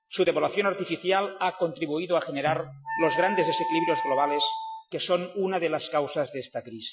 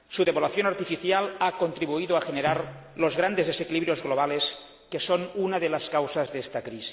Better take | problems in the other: second | noise reduction (classical method Wiener filter)

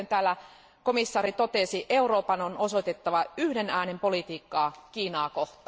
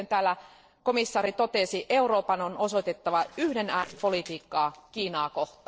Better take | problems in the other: first | noise reduction (neural separator model SepFormer DNS4)

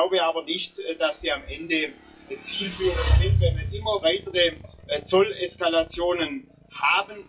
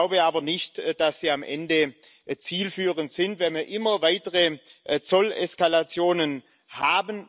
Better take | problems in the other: second | noise reduction (classical method WPE with log-MMSE)

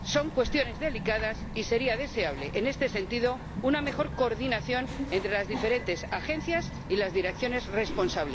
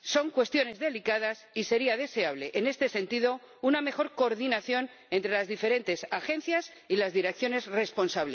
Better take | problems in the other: second | background sound (Bird vocalization, bird call, bird song); 8 dB below the speech

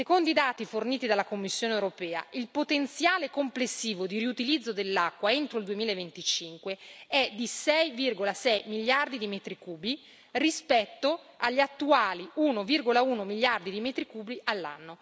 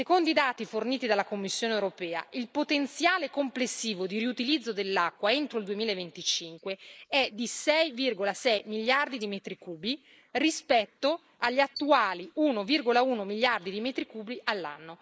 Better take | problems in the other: first | noise reduction (neural mask model Resemble Enhance denoiser)

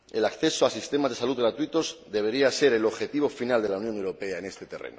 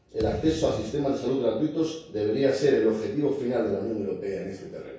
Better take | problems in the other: first | background sound (Thump, thud); 13 dB below the speech // room echo; dies away in 0.6 s

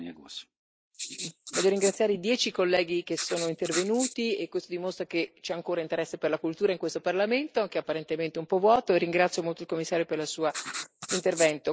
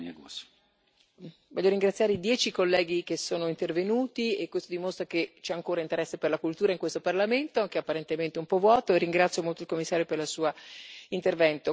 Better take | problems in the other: second | noise reduction (neural mask model Resemble Enhance denoiser)

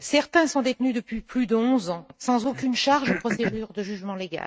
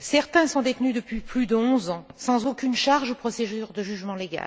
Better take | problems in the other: second | noise reduction (neural mask model RNNoise)

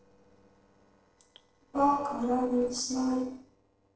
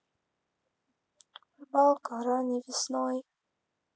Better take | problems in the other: second | noise reduction (neural separator model SepFormer DNS4)

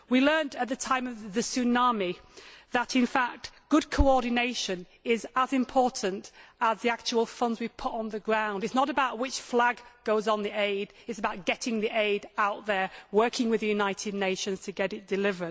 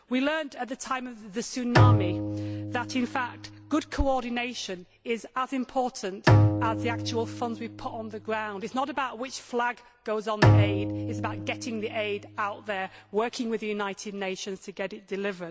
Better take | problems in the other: first | background sound (Bowed string instrument); 3 dB above the speech

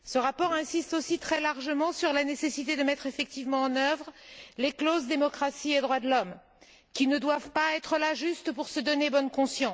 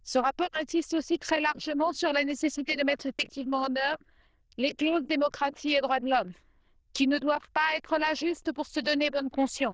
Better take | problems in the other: first | noise reduction (neural diffusion model UNIVERSE++)

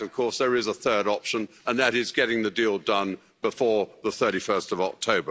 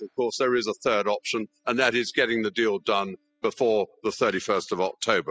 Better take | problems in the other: first | noise reduction (classical method spectral subtraction)

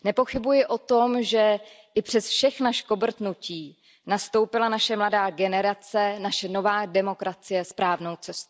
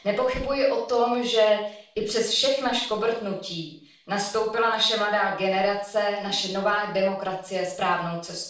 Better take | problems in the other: first | room echo; dies away in 0.5 s

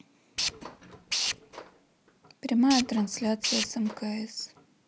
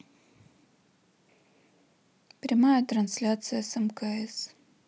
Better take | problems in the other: second | background sound (Tools); 4 dB below the speech

